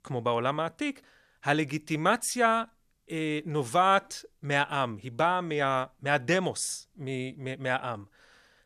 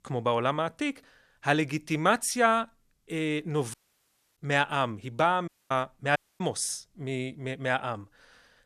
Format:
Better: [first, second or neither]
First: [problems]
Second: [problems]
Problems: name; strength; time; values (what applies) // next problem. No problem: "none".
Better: first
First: none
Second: audio cutting out; at 3.5 s for 0.5 s, at 5.5 s and at 6 s